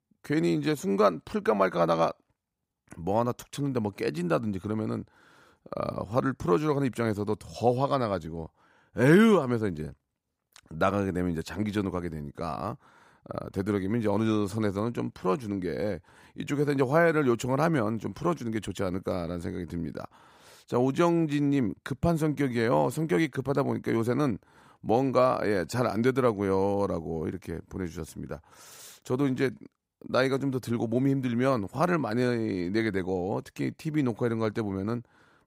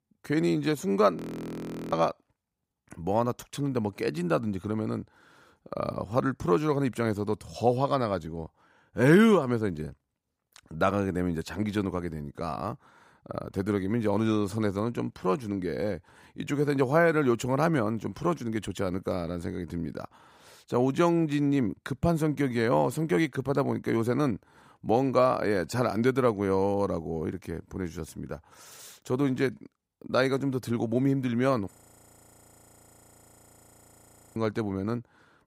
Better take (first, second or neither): first